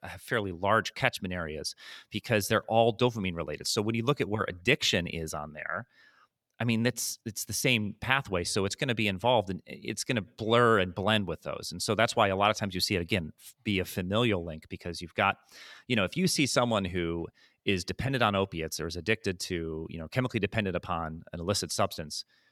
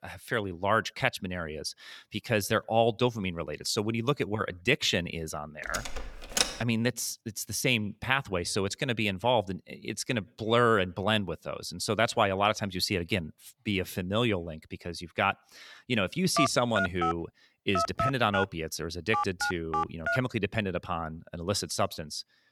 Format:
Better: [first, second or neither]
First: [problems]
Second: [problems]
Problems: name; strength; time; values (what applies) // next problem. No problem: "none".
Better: first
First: none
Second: door banging; loud; at 5.5 s; peak 2 dB above the speech // phone ringing; loud; from 16 to 20 s; peak level with the speech